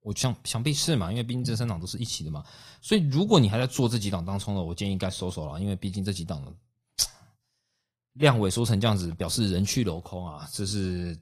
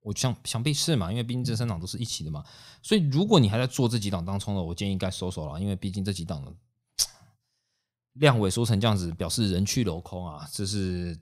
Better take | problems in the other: second | garbled, watery; slightly

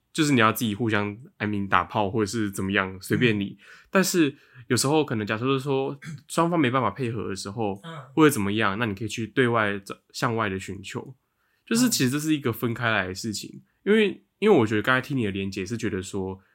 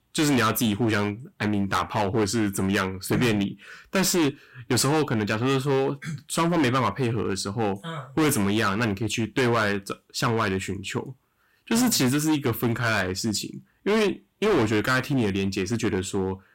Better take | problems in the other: first | distortion; heavy; 14% of the sound clipped

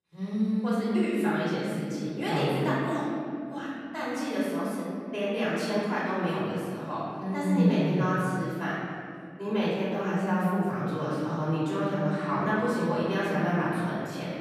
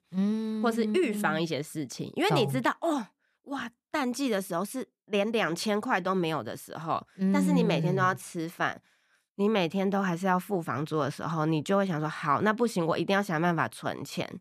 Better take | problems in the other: second | room echo; strong; dies away in 2.4 s // off-mic speech; far

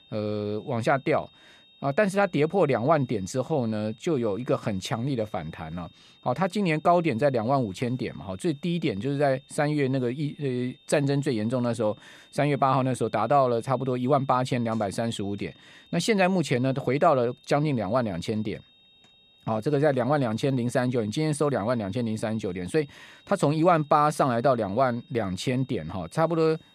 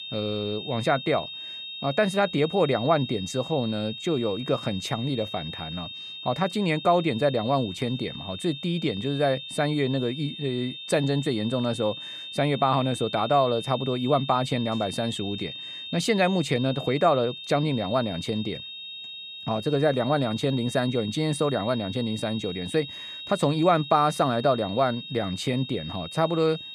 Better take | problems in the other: first | high-pitched whine; loud; throughout; 3.5 kHz, 10 dB below the speech; faint in the first

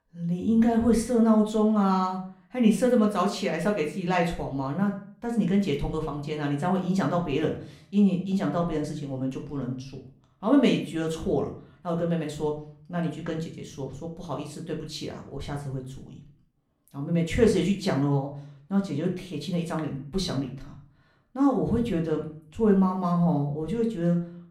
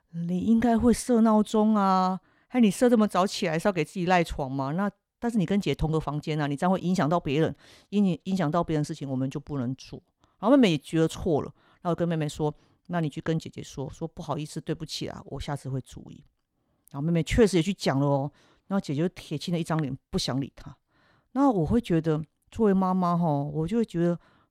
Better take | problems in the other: second | room echo; slight; dies away in 0.4 s // off-mic speech; somewhat distant

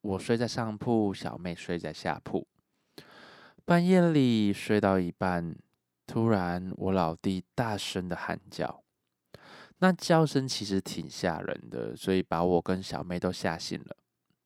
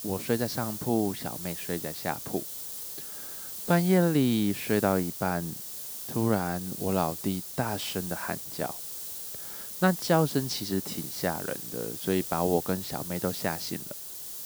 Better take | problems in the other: first | hiss; loud; throughout; 6 dB below the speech

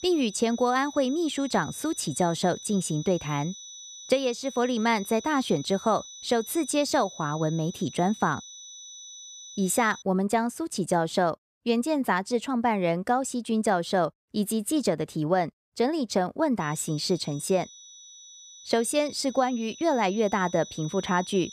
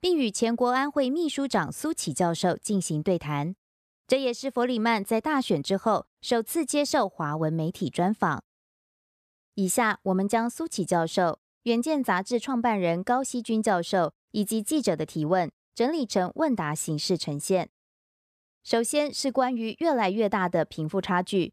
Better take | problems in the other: second | high-pitched whine; noticeable; until 10 s and from 17 s on; 6 kHz, 15 dB below the speech

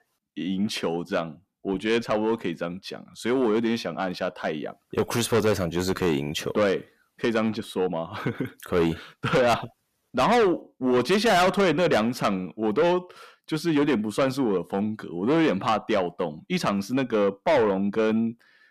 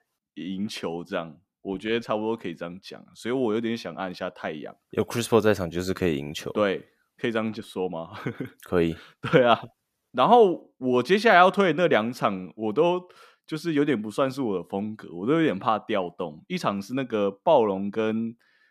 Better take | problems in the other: second | distortion; heavy; 6 dB below the speech

